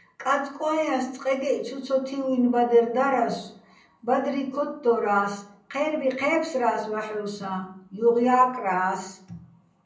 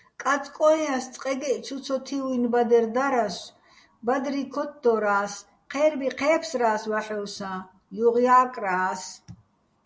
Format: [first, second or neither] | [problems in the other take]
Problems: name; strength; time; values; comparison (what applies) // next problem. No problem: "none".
second | room echo; dies away in 0.6 s